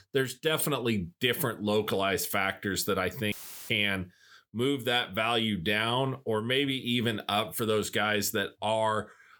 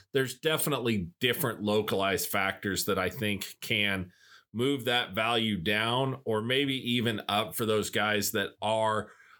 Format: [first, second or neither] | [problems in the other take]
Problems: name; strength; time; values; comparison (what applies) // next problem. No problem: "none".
second | audio cutting out; filled with static; at 3.5 s